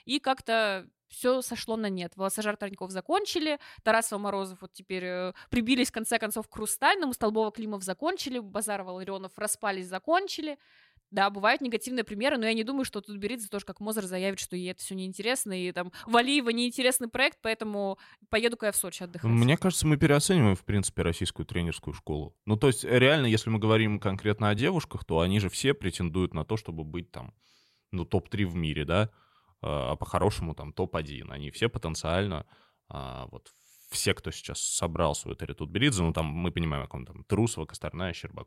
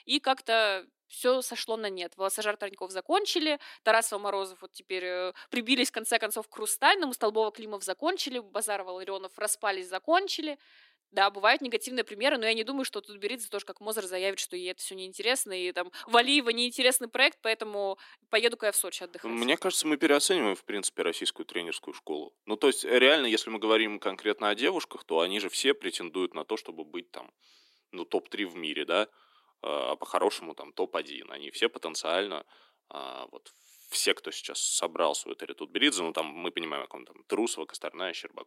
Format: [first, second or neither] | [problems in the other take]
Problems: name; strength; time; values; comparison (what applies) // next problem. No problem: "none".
first | thin; somewhat; fading below 300 Hz